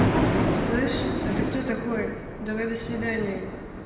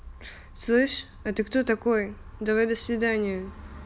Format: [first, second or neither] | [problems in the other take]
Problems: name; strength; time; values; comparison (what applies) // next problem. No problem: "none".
second | background sound (Thunder); 3 dB above the speech // room echo; dies away in 2.3 s